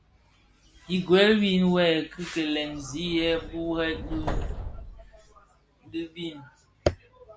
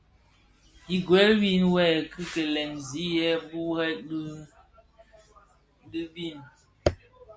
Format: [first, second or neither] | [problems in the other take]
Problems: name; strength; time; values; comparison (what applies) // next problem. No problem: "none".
second | background sound (Subway, metro, underground); 8 dB below the speech